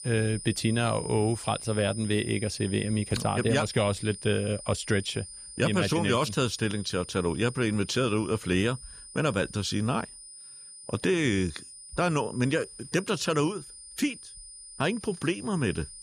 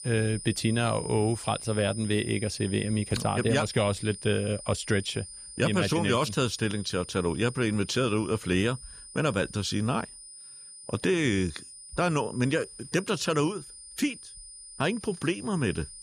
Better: neither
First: high-pitched whine; noticeable; throughout; 9.5 kHz, 15 dB below the speech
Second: high-pitched whine; noticeable; throughout; 9.5 kHz, 15 dB below the speech

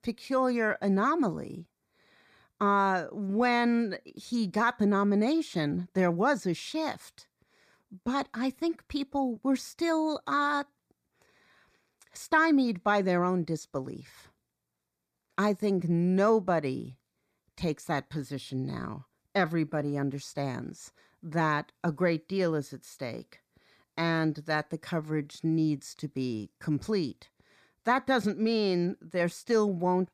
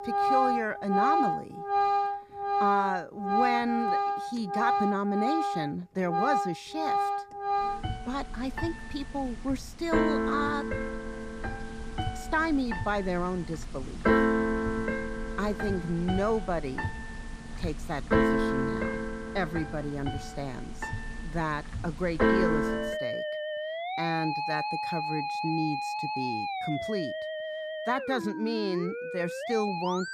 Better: first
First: none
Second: background music; very loud; throughout; 2 dB above the speech

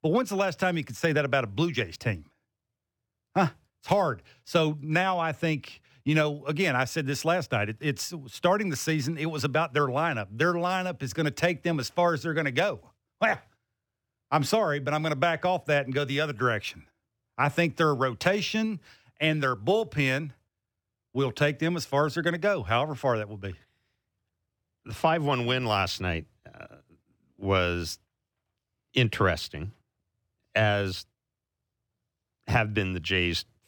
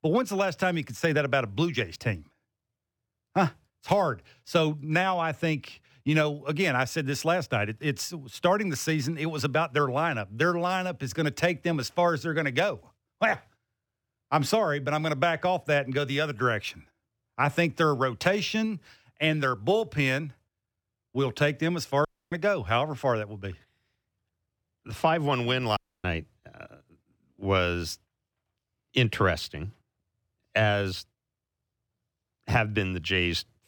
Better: first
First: none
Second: audio cutting out; at 22 s and at 26 s

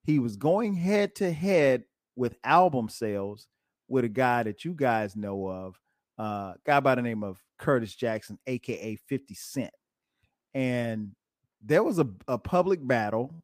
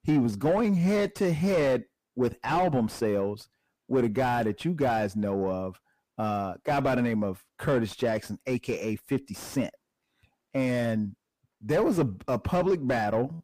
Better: first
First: none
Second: distortion; heavy; 6 dB below the speech

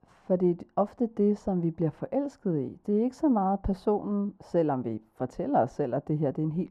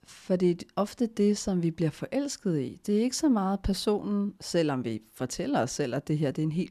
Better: second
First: muffled; very; fading above 2 kHz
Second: none

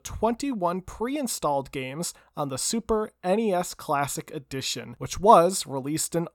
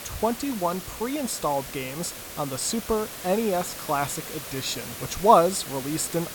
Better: first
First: none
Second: hiss; loud; throughout; 9 dB below the speech

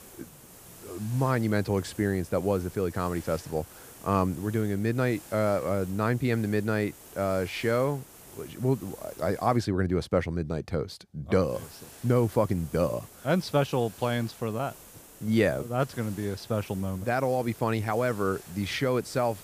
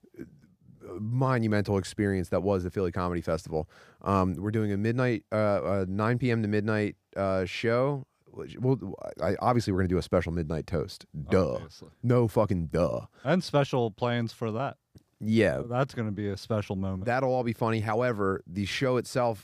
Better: second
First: hiss; noticeable; until 9.5 s and from 11 s on; 20 dB below the speech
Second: none

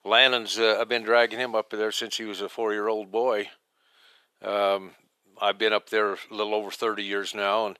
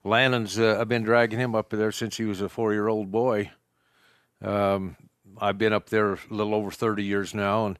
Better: second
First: thin; somewhat; fading below 500 Hz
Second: none

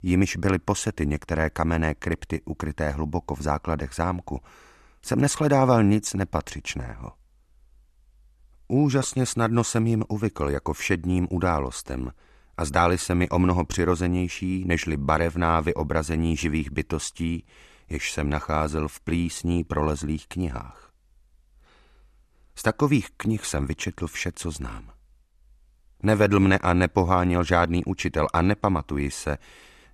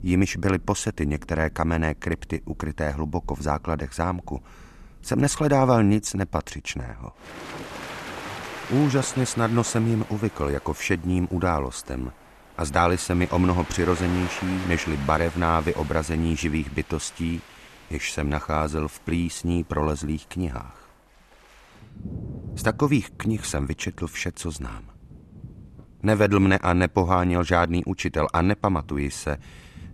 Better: first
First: none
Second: rain or running water; noticeable; throughout; 15 dB below the speech

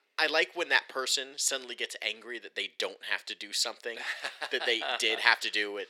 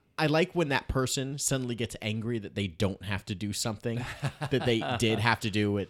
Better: second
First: thin; very; fading below 400 Hz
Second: none

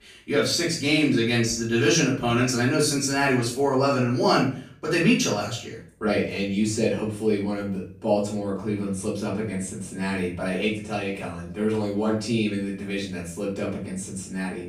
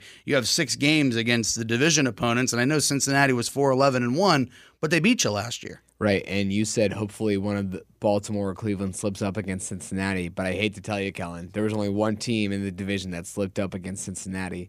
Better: second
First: off-mic speech; far // room echo; noticeable; dies away in 0.4 s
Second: none

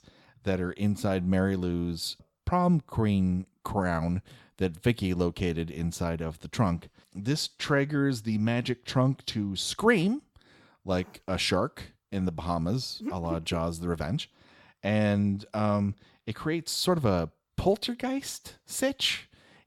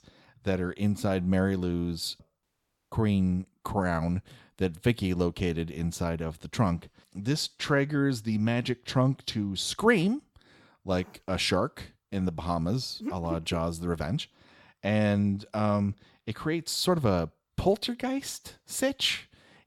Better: first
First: none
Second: audio cutting out; at 2.5 s

